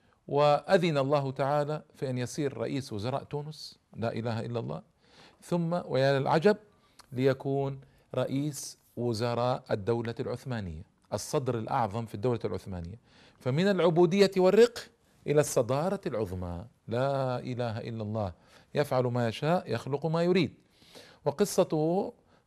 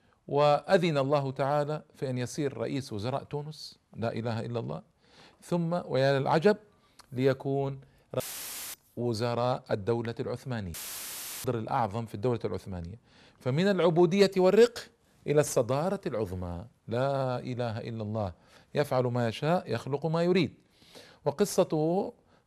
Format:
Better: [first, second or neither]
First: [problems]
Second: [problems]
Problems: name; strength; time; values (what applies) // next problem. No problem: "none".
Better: first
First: none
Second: audio cutting out; filled with static; at 8 s for 0.5 s and at 11 s for 0.5 s